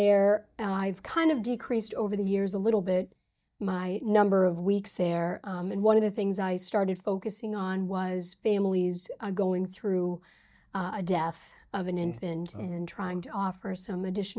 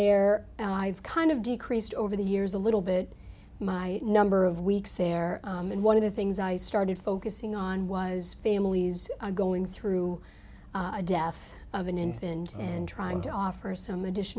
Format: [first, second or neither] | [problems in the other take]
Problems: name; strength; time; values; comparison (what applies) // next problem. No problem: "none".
second | noise reduction (neural mask model DeepFilterNet 3)